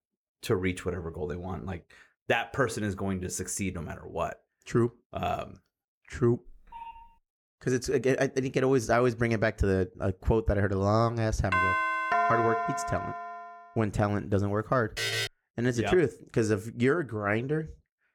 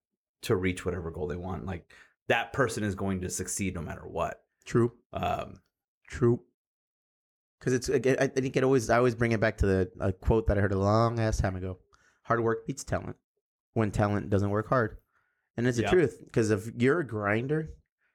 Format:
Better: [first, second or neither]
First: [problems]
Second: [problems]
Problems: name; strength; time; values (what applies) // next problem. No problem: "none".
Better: second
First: phone ringing; faint; at 6.5 s; peak 15 dB below the speech // doorbell; loud; from 12 to 13 s; peak 3 dB above the speech // alarm; loud; at 15 s; peak level with the speech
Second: none